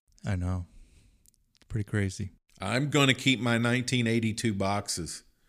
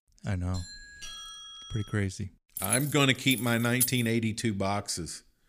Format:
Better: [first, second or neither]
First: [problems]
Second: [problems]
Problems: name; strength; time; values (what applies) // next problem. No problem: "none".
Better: first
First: none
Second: doorbell; faint; from 0.5 to 2 s; peak 10 dB below the speech // jangling keys; loud; from 2.5 to 4 s; peak 1 dB above the speech